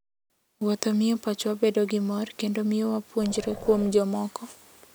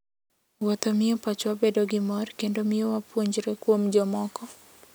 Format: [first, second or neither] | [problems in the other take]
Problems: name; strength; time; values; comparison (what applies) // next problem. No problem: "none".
second | background sound (Growling); 15 dB below the speech